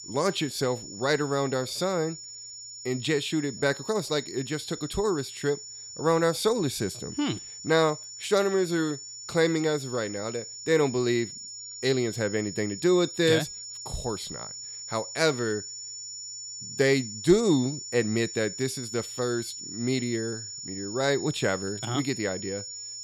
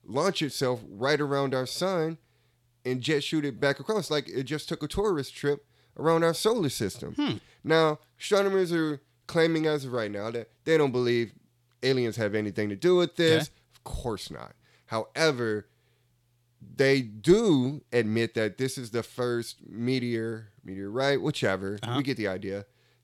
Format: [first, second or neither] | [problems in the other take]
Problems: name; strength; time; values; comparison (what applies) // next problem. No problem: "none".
second | high-pitched whine; loud; throughout; 7 kHz, 10 dB below the speech